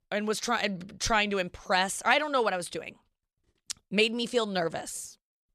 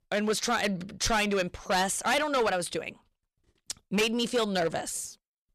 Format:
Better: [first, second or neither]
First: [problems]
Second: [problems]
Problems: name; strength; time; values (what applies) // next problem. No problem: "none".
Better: first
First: none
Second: distortion; heavy; 8% of the sound clipped